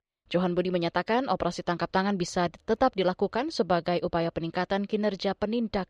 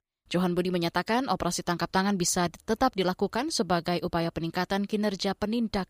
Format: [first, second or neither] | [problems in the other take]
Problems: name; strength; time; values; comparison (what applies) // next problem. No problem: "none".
second | muffled; slightly; fading above 3.5 kHz